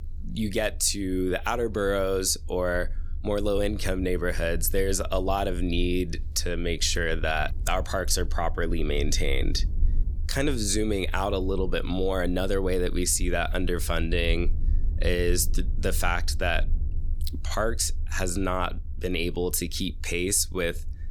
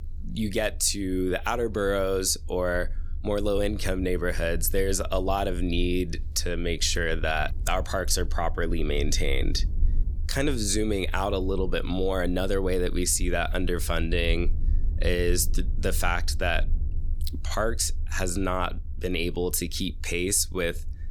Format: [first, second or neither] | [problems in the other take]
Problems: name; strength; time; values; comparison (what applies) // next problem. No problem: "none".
neither | low rumble; faint; throughout; 25 dB below the speech; the same in both